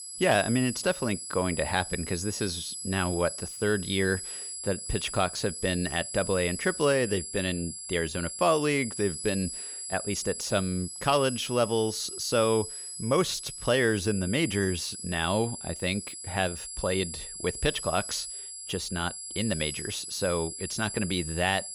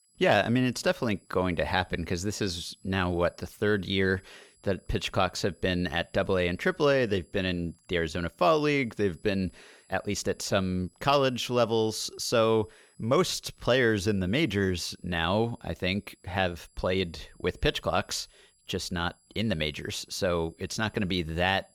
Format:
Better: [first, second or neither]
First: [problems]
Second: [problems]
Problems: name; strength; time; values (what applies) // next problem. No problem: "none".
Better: second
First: high-pitched whine; loud; throughout; 11 kHz, 7 dB below the speech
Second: high-pitched whine; faint; throughout; 11 kHz, 35 dB below the speech